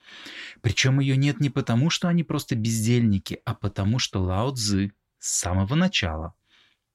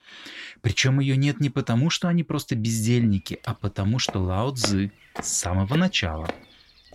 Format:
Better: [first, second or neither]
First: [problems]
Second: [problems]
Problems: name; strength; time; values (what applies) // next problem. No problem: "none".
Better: first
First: none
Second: footsteps; noticeable; from 3 to 6.5 s; peak 8 dB below the speech